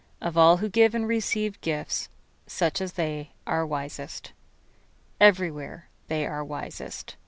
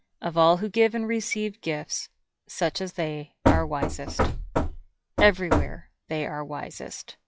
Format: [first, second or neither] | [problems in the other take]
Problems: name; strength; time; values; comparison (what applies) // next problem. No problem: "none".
first | noise reduction (classical method log-MMSE)